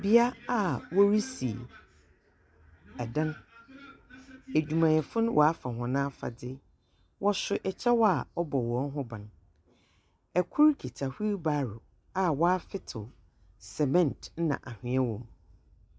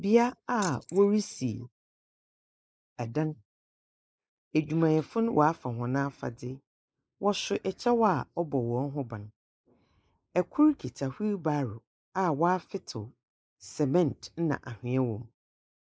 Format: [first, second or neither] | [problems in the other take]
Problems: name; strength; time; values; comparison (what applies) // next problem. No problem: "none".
first | noise reduction (neural mask model Resemble Enhance denoiser)